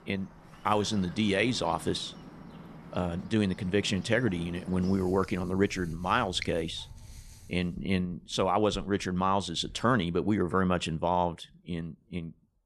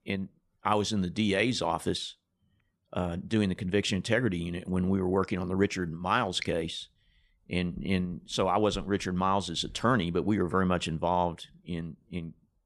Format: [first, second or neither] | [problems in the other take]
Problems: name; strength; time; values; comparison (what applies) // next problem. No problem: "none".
second | animal sounds; noticeable; until 7.5 s; 20 dB below the speech